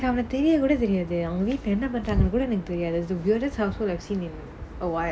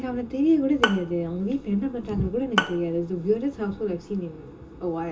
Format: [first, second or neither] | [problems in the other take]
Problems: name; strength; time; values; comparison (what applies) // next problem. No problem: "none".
first | background sound (Bowed string instrument); 7 dB below the speech // room echo; dies away in 0.2 s